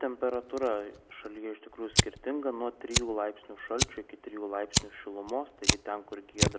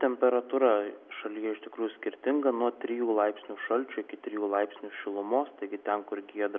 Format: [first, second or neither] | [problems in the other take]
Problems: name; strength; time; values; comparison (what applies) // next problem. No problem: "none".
second | background sound (Fire); 2 dB above the speech